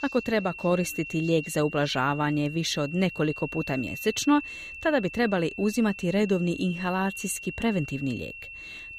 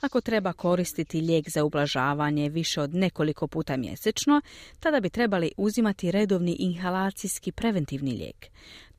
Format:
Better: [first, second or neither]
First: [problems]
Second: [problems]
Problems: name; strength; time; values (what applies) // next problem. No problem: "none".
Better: second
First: high-pitched whine; noticeable; throughout; 2.5 kHz, 10 dB below the speech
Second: none